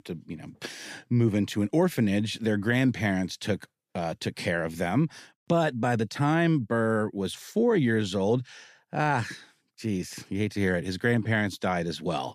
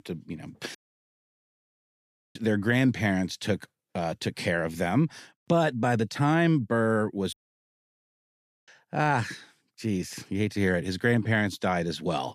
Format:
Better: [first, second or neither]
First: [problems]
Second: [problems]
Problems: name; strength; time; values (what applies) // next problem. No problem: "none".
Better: first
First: none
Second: audio cutting out; at 1 s for 1.5 s and at 7.5 s for 1.5 s